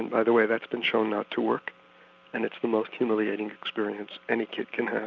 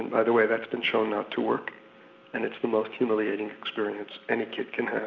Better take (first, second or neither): first